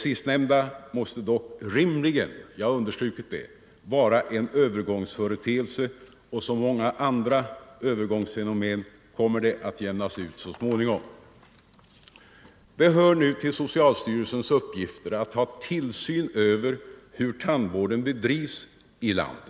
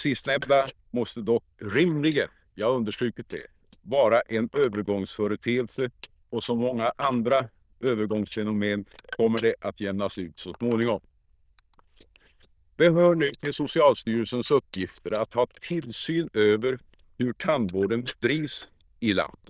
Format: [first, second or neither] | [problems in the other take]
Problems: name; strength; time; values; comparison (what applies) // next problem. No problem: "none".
first | noise reduction (neural diffusion model UNIVERSE++)